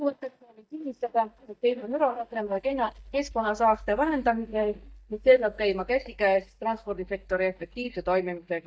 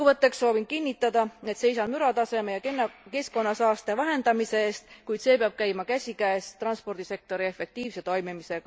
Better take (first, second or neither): second